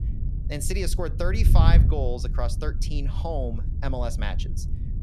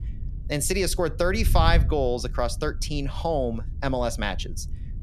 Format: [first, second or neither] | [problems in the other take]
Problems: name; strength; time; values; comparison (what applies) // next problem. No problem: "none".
second | wind noise on the microphone; heavy; 9 dB below the speech; occasional gusts in the second